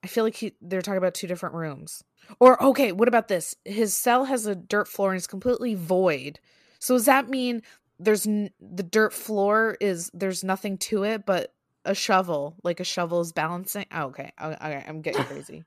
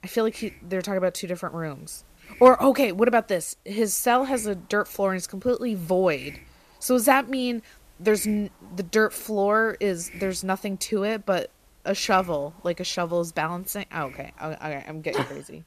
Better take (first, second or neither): first